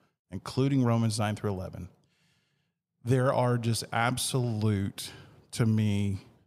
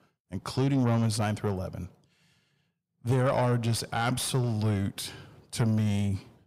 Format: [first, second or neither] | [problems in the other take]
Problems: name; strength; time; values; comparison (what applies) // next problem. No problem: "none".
first | distortion; slight; 10 dB below the speech